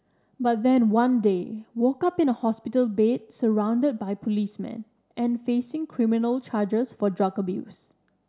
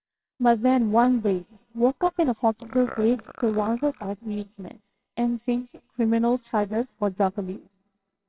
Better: first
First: none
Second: noise reduction (neural separator model SepFormer WHAMR!)

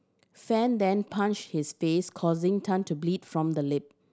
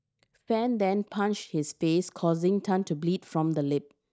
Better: first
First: none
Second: noise reduction (neural mask model DeepFilterNet 3)

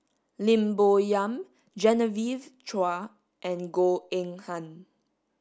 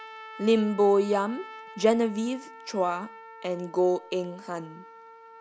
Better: first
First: none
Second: background sound (Trumpet); 18 dB below the speech

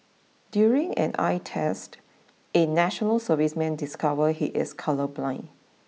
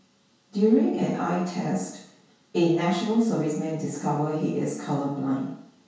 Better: first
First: none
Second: room echo; dies away in 0.6 s

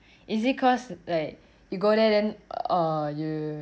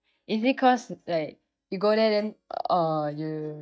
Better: first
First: none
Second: noise reduction (neural mask model DeepFilterNet 3)

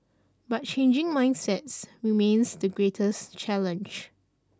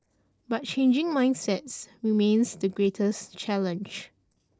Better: first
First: none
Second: noise reduction (neural separator model SepFormer DNS4)

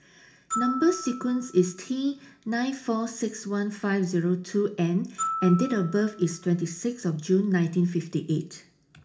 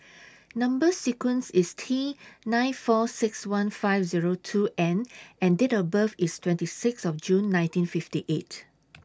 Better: second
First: background sound (Glockenspiel); 13 dB below the speech // room echo; dies away in 0.4 s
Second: none

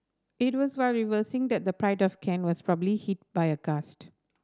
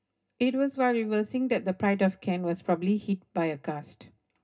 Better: first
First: none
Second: room echo; dies away in 0.2 s

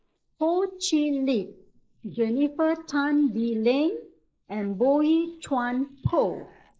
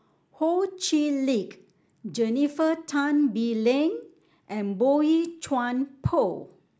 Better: second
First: noise reduction (neural mask model Resemble Enhance denoiser)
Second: none

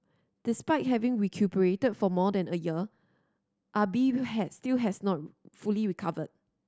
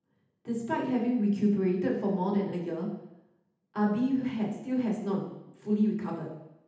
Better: first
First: none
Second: room echo; dies away in 0.8 s

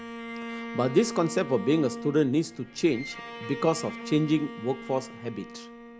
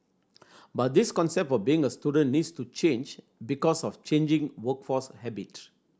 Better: second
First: background sound (Bowed string instrument); 11 dB below the speech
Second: none

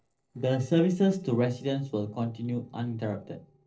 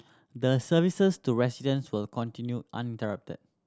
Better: second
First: noise reduction (neural separator model SepFormer DNS4)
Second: none

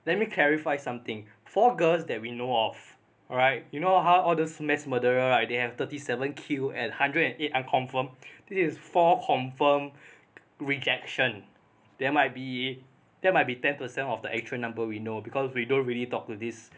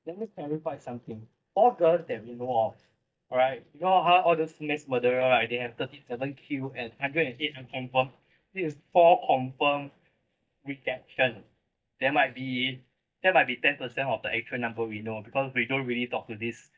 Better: first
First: none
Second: noise reduction (neural mask model DeepFilterNet 3)

